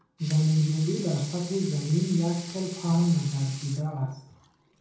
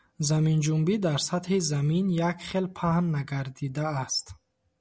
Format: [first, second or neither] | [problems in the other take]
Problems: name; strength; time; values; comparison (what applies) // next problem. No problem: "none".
second | background sound (Sink (filling or washing) / Water tap, faucet / Liquid); 16 dB below the speech // room echo; dies away in 0.7 s